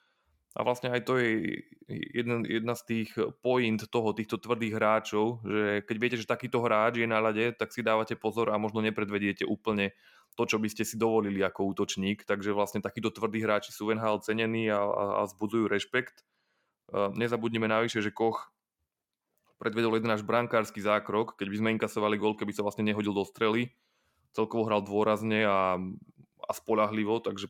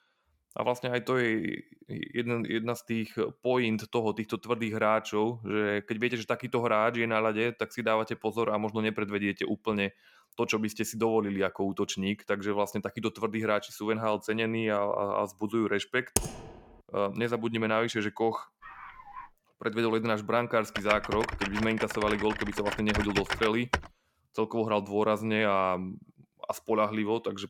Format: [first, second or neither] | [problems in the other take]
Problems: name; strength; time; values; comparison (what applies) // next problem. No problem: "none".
first | keyboard typing; noticeable; at 16 s and from 21 to 24 s; peak 1 dB below the speech // dog barking; faint; at 19 s; peak 15 dB below the speech